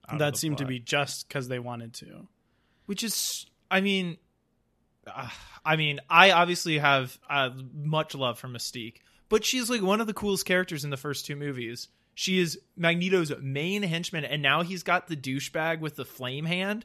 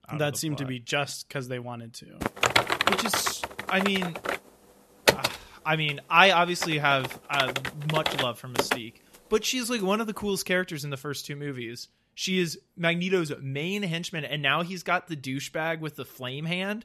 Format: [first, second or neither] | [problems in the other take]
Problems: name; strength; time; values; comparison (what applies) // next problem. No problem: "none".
first | keyboard typing; loud; from 2 to 9 s; peak 5 dB above the speech